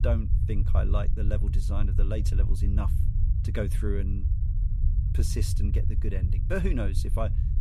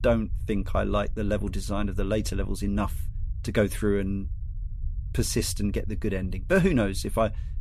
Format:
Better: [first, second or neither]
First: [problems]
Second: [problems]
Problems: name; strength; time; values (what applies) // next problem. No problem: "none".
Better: second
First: low rumble; loud; throughout; 7 dB below the speech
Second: low rumble; faint; throughout; 25 dB below the speech